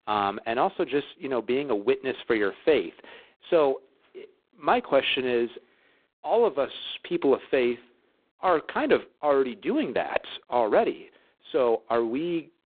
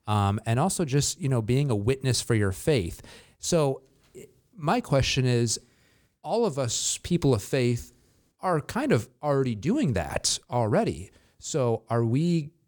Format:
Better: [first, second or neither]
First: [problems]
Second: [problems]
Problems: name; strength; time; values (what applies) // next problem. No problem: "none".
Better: second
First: phone-call audio; poor line; nothing above 3.5 kHz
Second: none